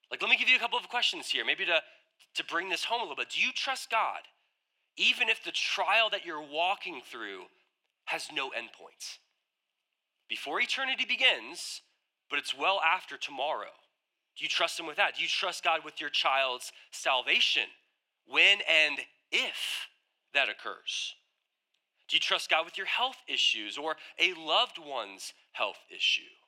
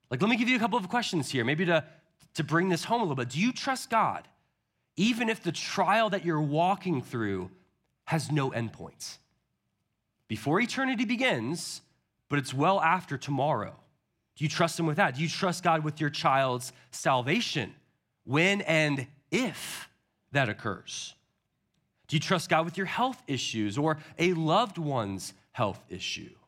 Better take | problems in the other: second | thin; very; fading below 450 Hz

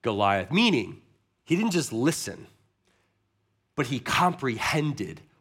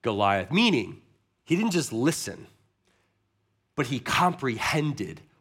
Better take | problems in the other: neither | none

